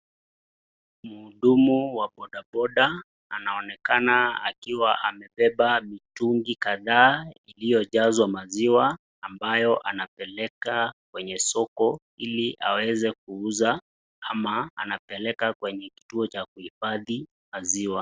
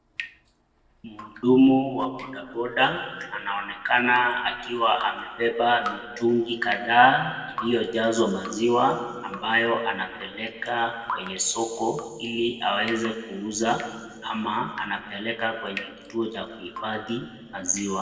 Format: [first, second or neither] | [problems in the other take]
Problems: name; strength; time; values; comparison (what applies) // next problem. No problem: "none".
first | noise reduction (neural separator model SepFormer DNS4)